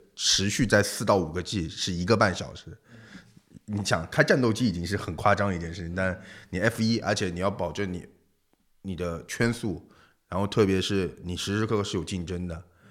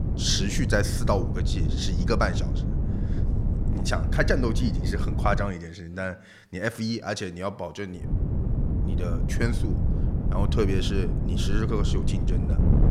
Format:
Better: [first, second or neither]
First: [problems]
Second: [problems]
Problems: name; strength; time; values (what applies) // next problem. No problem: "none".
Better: first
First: none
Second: wind noise on the microphone; heavy; until 5.5 s and from 8 s on; 8 dB below the speech